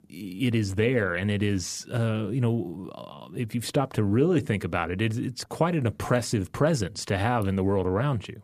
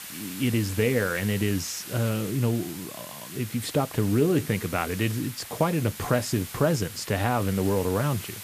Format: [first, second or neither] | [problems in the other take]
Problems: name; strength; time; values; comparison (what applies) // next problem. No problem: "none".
first | hiss; noticeable; throughout; 10 dB below the speech